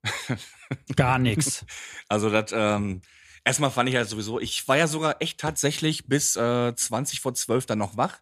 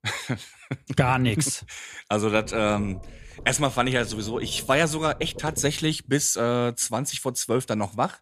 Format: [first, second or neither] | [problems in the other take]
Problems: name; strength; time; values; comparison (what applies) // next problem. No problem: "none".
first | low rumble; faint; from 2.5 to 6 s; 20 dB below the speech